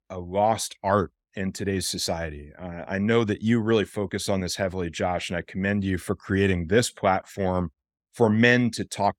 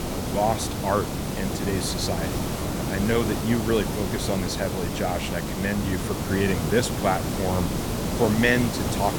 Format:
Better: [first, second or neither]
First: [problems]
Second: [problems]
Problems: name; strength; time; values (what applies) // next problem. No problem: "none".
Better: first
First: none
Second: hiss; loud; throughout; 2 dB below the speech